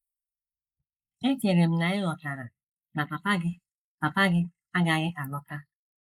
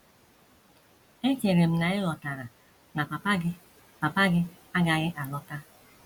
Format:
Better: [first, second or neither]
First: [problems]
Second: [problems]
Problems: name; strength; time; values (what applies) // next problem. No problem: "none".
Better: second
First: noise reduction (neural mask model Resemble Enhance denoiser)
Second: none